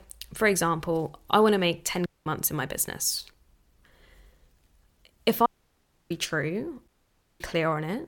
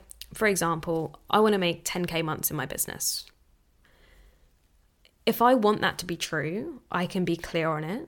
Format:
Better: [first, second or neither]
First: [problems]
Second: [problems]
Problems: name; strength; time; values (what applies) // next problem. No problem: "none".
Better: second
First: audio cutting out; at 2 s, at 5.5 s for 0.5 s and at 7 s for 0.5 s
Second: none